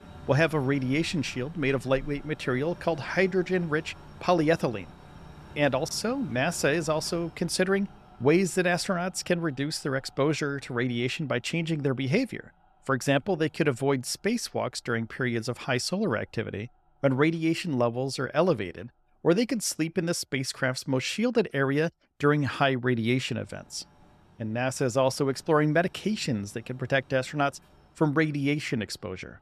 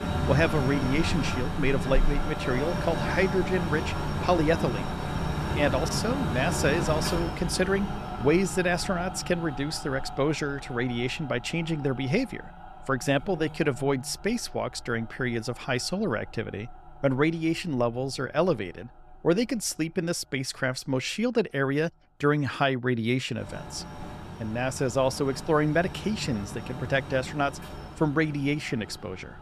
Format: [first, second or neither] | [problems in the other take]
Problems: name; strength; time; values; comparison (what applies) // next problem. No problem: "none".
first | machinery noise; loud; throughout; 6 dB below the speech; faint in the first